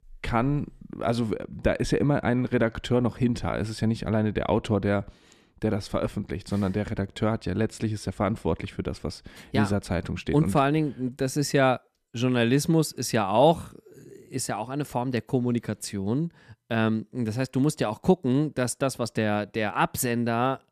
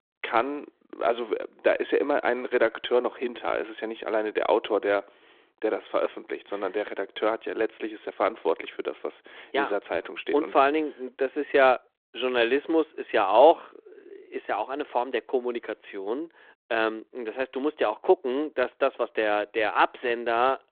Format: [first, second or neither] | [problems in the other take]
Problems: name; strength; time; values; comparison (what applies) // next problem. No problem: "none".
first | phone-call audio